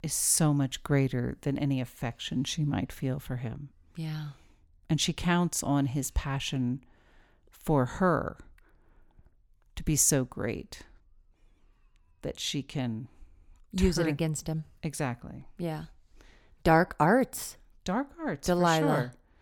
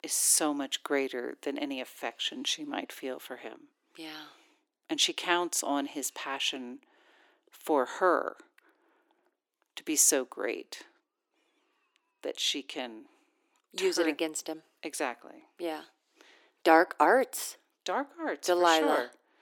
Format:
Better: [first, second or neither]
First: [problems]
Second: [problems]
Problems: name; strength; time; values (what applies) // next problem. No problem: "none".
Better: first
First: none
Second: thin; somewhat; fading below 300 Hz